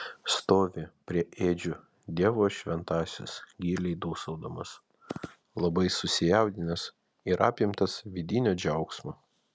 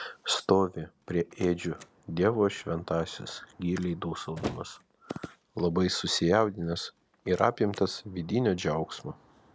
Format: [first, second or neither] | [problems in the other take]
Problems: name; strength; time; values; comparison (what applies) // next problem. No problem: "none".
first | background sound (Slam); 20 dB below the speech